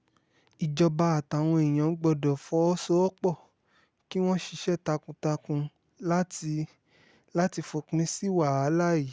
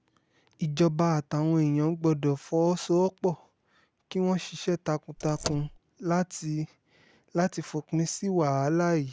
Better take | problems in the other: first | background sound (Car); 9 dB below the speech

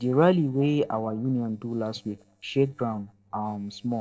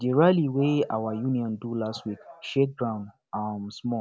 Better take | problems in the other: second | noise reduction (neural separator model SepFormer DNS4)

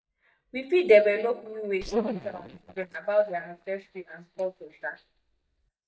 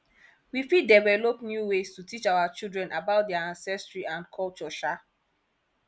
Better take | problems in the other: second | noise reduction (neural mask model DeepFilterNet 3)

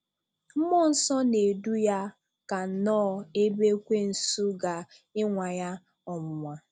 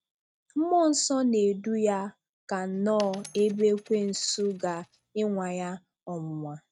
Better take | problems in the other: first | noise reduction (neural mask model RNNoise)

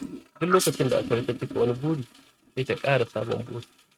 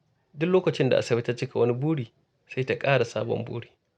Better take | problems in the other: second | noise reduction (neural mask model RNNoise)

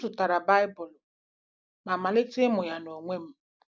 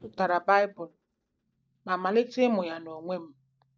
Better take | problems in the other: first | noise reduction (neural mask model DeepFilterNet 3)

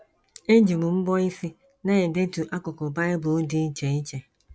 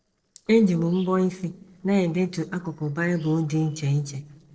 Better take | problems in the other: first | noise reduction (neural separator model SepFormer DNS4)

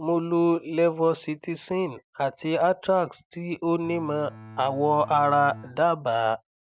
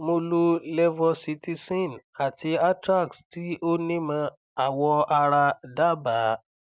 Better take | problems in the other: second | background sound (Bowed string instrument); 18 dB below the speech

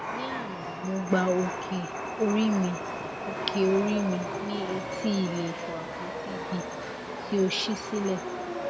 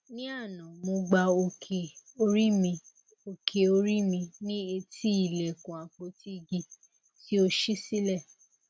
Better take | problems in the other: second | background sound (Chatter / Subway, metro, underground); 5 dB below the speech

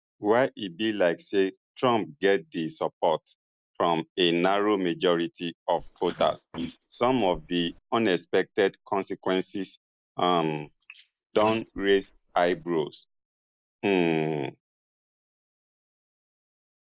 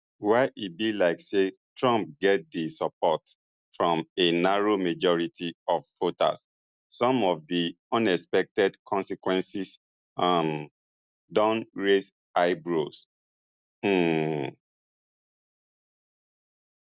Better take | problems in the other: second | noise reduction (neural mask model Resemble Enhance denoiser)

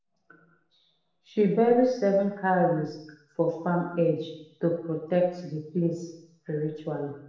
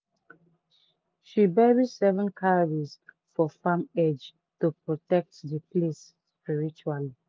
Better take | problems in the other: second | room echo; dies away in 0.8 s

